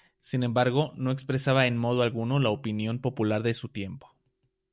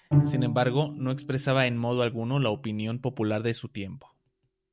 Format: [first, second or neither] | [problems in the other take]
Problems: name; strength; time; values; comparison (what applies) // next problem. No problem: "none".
first | background sound (Bowed string instrument); 2 dB below the speech